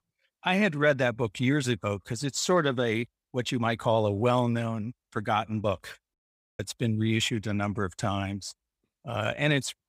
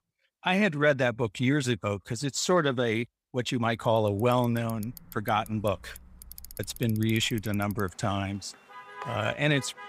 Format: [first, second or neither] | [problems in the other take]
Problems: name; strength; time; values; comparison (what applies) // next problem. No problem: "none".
first | traffic noise; noticeable; from 4 s on; 20 dB below the speech